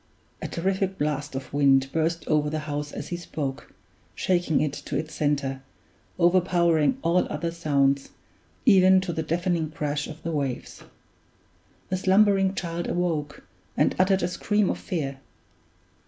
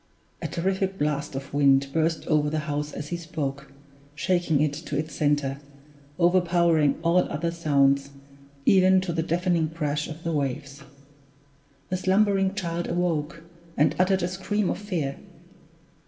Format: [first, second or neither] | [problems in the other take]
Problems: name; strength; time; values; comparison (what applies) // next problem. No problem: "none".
first | room echo; dies away in 1.6 s